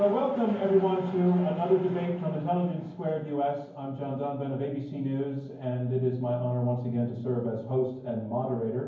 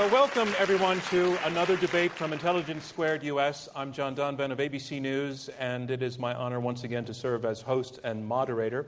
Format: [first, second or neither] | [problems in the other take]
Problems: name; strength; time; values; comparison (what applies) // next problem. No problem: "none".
second | room echo; dies away in 0.9 s